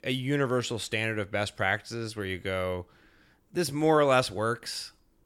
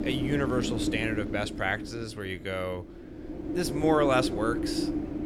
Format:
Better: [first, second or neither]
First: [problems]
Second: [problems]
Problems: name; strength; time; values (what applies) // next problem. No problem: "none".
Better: first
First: none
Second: wind noise on the microphone; heavy; 6 dB below the speech